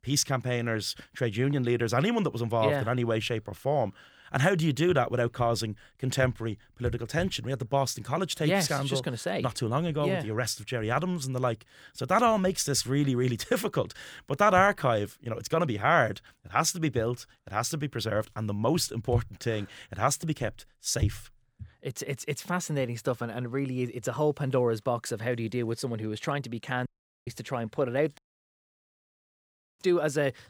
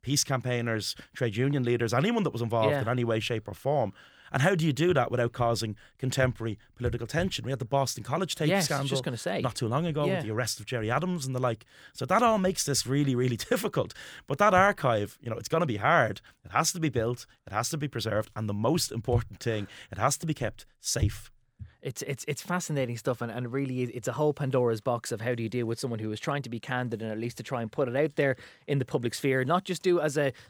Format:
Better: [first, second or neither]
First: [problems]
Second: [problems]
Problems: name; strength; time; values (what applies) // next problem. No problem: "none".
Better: second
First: audio cutting out; at 27 s and at 28 s for 1.5 s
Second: none